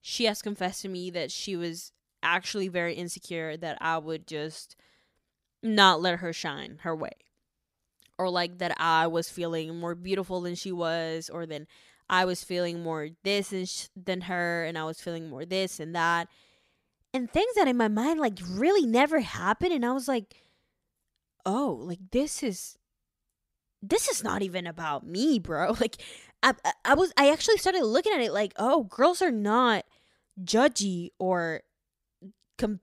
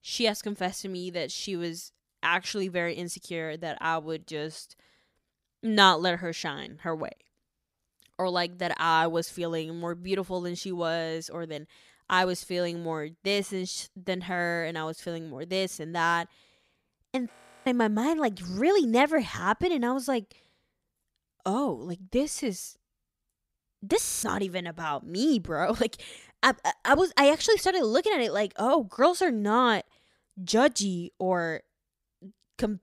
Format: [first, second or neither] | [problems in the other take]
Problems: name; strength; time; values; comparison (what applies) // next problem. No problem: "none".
first | audio freezing; at 17 s and at 24 s